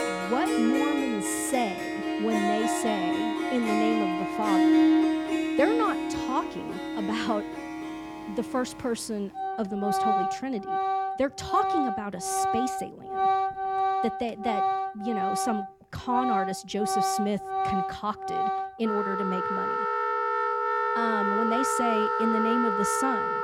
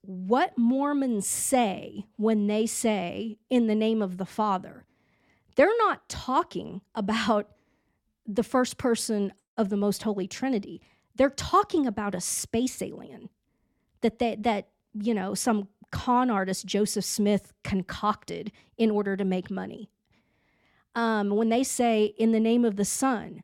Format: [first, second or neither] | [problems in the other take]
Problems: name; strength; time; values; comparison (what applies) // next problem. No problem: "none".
second | background music; very loud; throughout; 3 dB above the speech